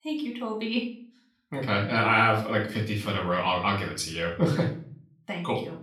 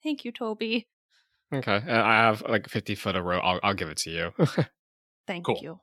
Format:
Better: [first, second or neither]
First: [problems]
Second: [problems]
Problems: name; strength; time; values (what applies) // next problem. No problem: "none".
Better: second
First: room echo; slight; dies away in 0.4 s // off-mic speech; far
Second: none